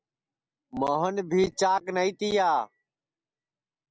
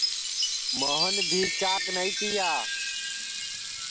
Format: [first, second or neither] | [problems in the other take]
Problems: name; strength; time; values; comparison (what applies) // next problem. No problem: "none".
first | background sound (Chime + Sink (filling or washing) / Water tap, faucet); 4 dB above the speech